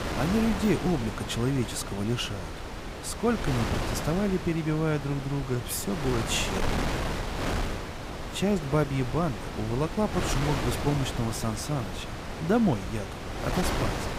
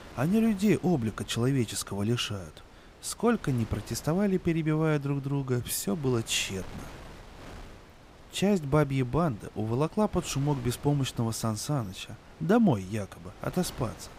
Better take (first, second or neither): second